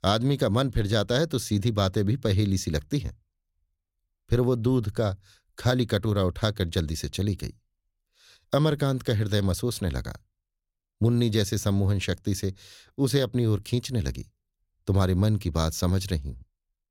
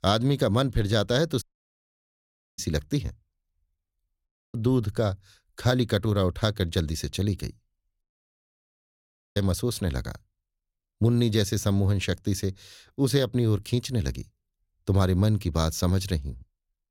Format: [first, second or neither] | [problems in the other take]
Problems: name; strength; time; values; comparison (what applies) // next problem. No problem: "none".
first | audio cutting out; at 1.5 s for 1 s, at 4.5 s and at 8 s for 1.5 s